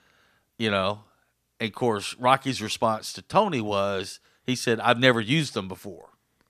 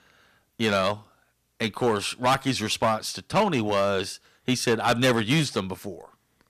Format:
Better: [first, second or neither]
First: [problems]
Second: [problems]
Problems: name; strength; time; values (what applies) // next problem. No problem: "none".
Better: first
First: none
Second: distortion; heavy; 5% of the sound clipped